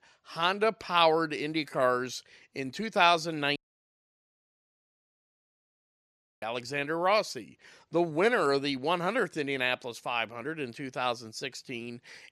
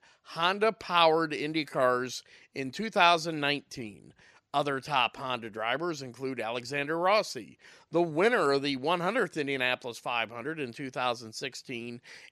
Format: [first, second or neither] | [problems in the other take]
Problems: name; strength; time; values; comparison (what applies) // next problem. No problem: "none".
second | audio cutting out; at 3.5 s for 3 s